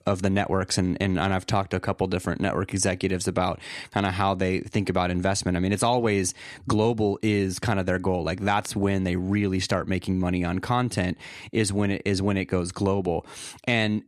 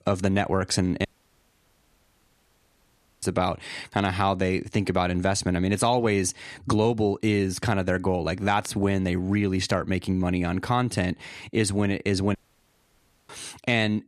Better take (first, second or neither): first